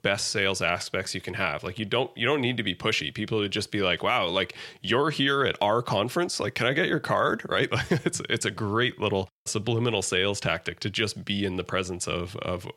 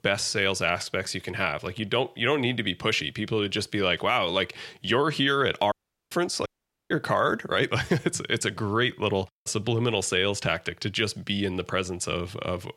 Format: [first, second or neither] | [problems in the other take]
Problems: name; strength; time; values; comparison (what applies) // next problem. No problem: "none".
first | audio cutting out; at 5.5 s and at 6.5 s